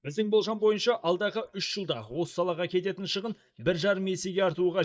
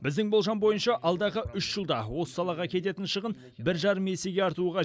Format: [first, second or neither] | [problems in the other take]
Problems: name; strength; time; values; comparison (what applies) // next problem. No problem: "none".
second | noise reduction (neural mask model DeepFilterNet 3)